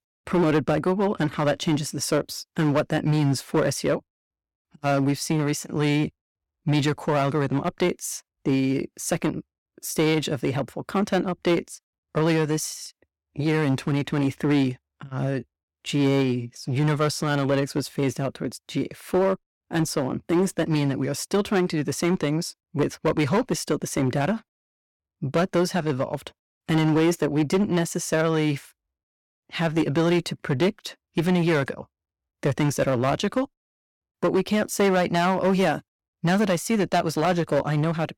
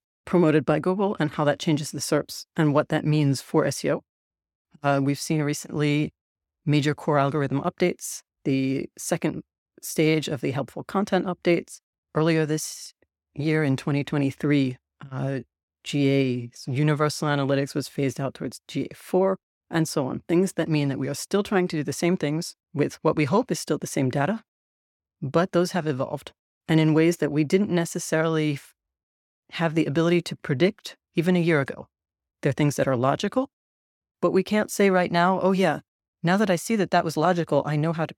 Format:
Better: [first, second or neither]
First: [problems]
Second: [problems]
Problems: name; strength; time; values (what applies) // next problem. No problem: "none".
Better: second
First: distortion; slight; 6% of the sound clipped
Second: none